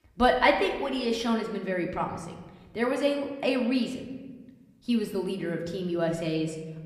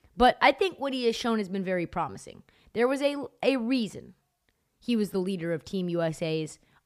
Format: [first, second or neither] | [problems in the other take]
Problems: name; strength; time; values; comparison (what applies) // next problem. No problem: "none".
second | room echo; slight; dies away in 1.1 s // off-mic speech; somewhat distant